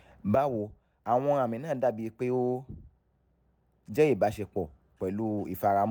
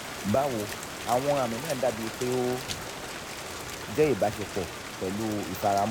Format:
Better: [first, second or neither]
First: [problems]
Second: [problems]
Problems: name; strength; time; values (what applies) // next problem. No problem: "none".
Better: first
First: none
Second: background sound (Rain); 7 dB below the speech